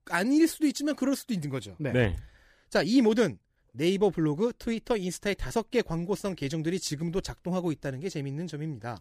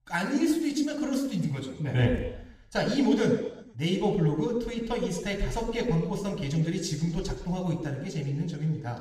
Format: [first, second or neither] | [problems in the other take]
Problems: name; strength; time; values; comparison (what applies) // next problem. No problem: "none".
first | room echo; noticeable; dies away in 1 s // off-mic speech; somewhat distant